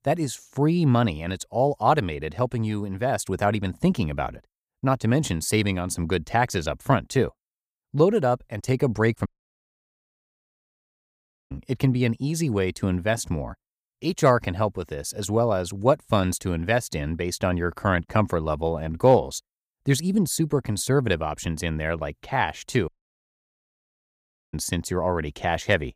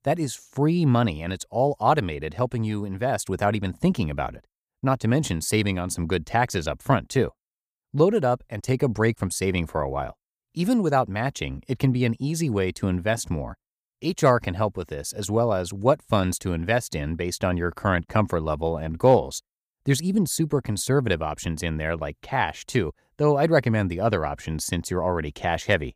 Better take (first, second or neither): second